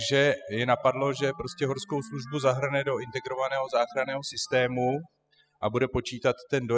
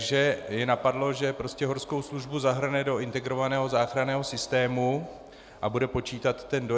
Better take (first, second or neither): second